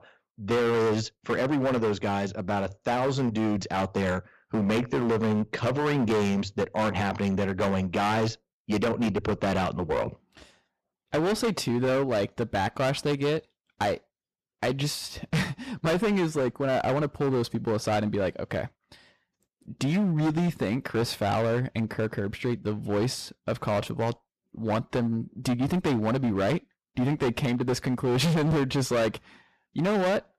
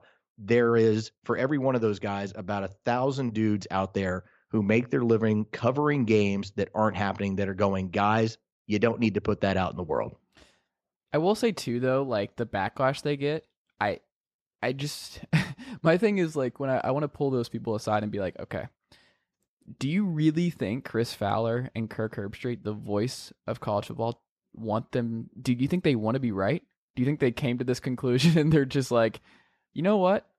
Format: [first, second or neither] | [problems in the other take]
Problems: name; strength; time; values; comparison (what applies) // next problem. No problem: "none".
second | distortion; heavy; 18% of the sound clipped